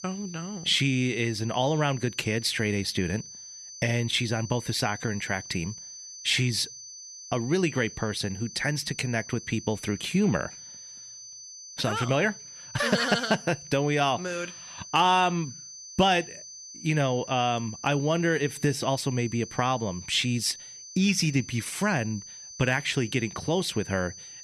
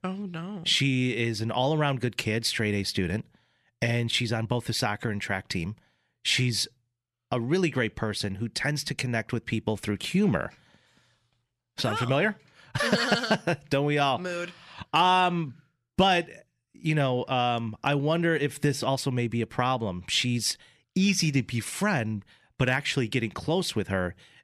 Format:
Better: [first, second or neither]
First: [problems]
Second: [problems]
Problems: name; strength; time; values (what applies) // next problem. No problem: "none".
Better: second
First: high-pitched whine; noticeable; throughout; 6 kHz, 15 dB below the speech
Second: none